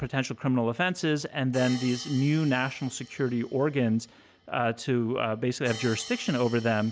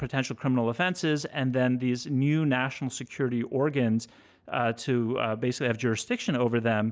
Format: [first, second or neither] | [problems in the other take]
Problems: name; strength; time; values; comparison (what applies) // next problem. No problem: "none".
second | background sound (Hi-hat); 19 dB below the speech